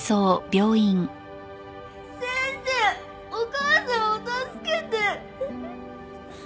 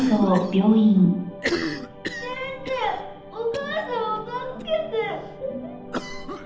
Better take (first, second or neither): first